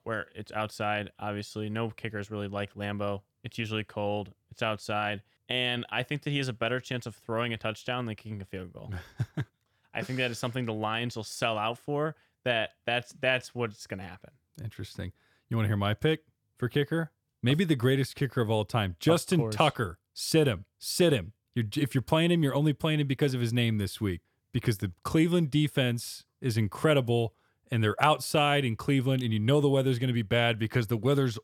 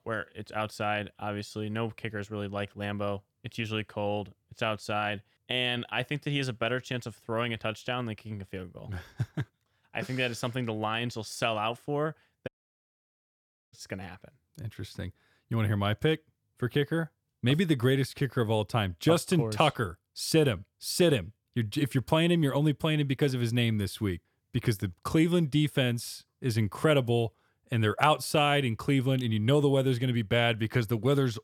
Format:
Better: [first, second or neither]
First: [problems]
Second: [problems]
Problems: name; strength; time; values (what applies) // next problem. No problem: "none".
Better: first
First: none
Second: audio cutting out; at 12 s for 1 s